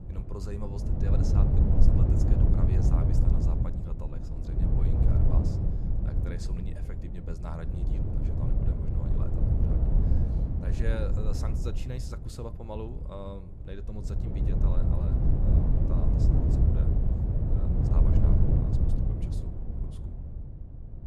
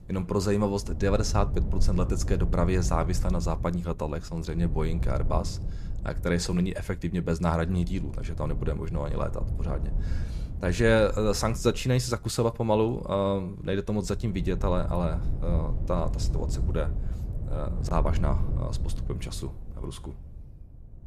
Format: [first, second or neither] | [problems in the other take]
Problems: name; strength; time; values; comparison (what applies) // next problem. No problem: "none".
second | wind noise on the microphone; heavy; 5 dB above the speech; occasional gusts in the second